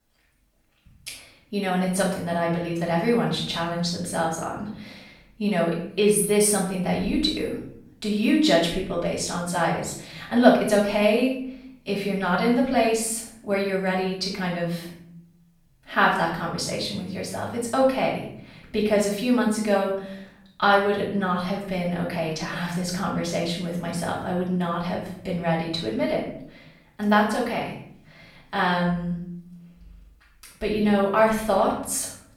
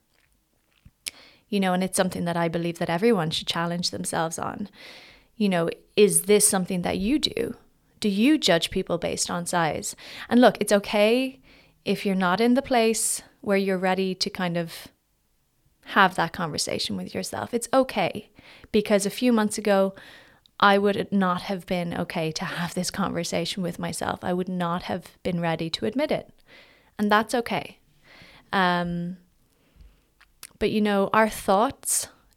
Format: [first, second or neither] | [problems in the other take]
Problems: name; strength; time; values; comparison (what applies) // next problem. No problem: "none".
second | off-mic speech; far // room echo; noticeable; dies away in 0.7 s